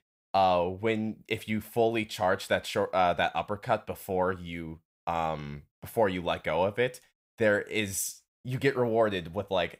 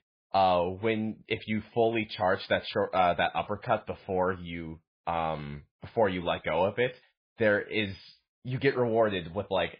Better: first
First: none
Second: garbled, watery; badly

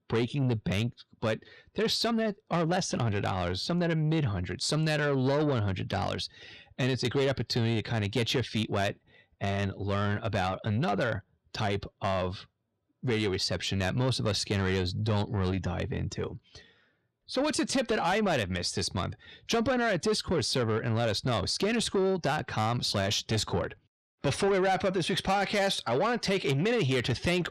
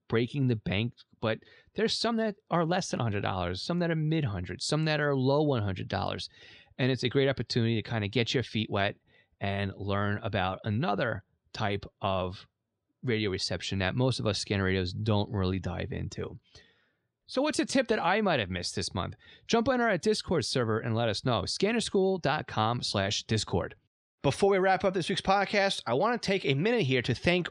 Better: second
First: distortion; slight; 10 dB below the speech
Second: none

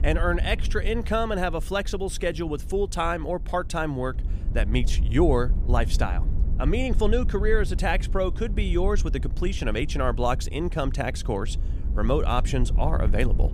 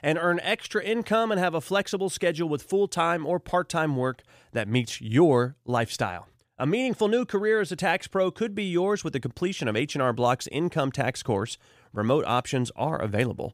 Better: second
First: wind noise on the microphone; occasional gusts; 20 dB below the speech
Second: none

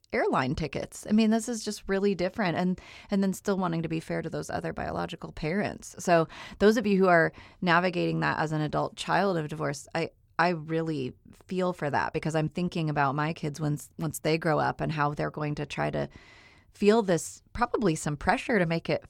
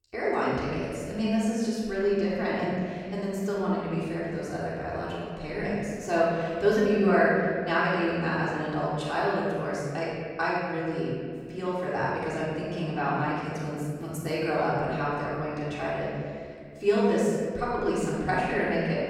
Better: first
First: none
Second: off-mic speech; far // room echo; strong; dies away in 2.1 s

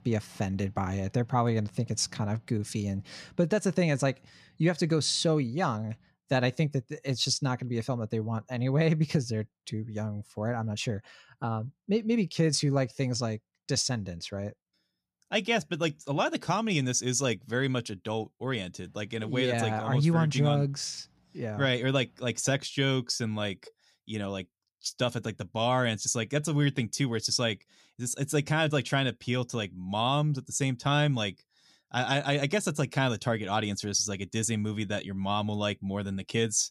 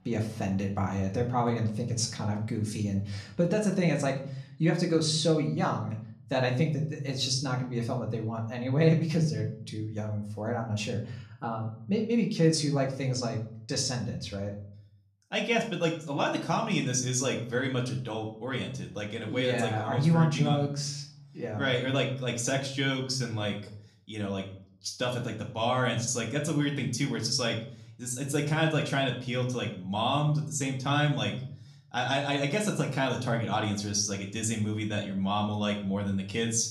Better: first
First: none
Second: room echo; slight; dies away in 0.5 s // off-mic speech; somewhat distant

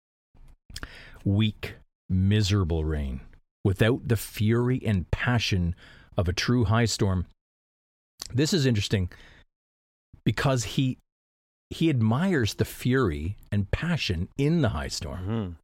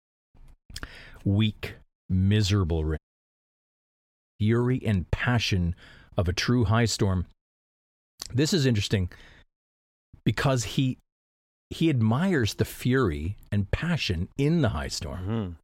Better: first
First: none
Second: audio cutting out; at 3 s for 1.5 s

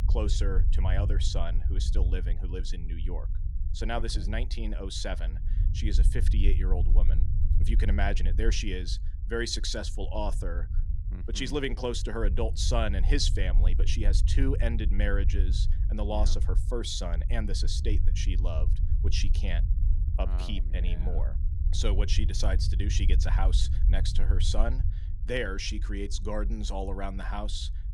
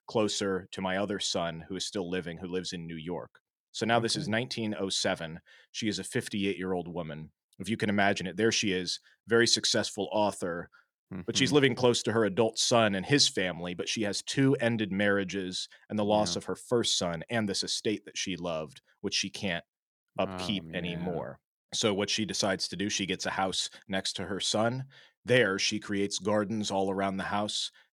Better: second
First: low rumble; noticeable; throughout; 15 dB below the speech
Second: none

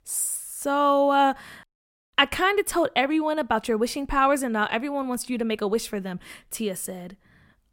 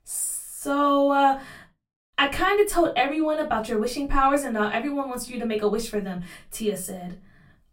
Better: first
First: none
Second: off-mic speech; far // room echo; very slight; dies away in 0.2 s

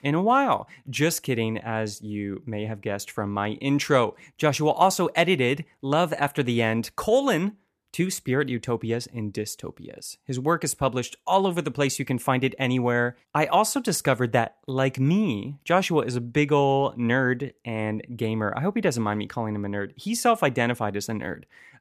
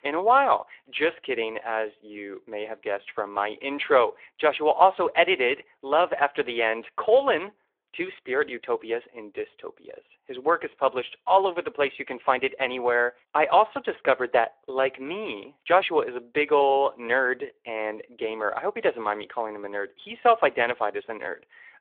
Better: first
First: none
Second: phone-call audio

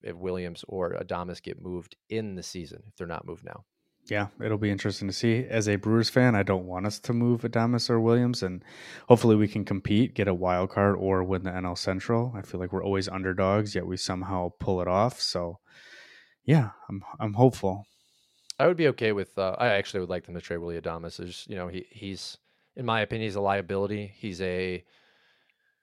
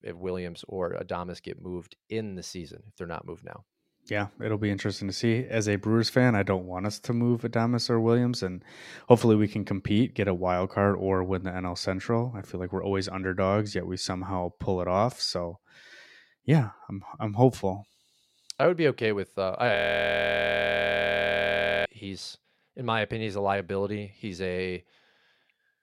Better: first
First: none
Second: audio freezing; at 20 s for 2 s

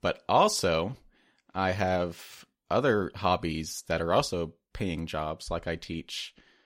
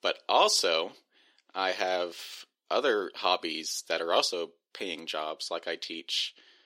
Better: first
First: none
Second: thin; somewhat; fading below 350 Hz

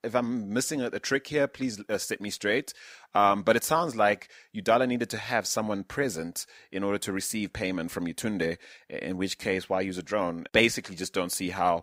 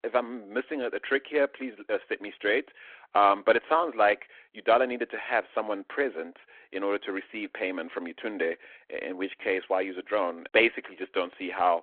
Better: first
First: none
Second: phone-call audio

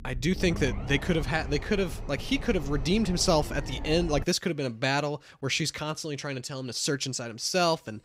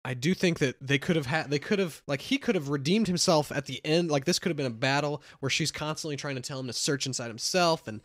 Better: second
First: low rumble; noticeable; until 4 s; 15 dB below the speech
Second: none

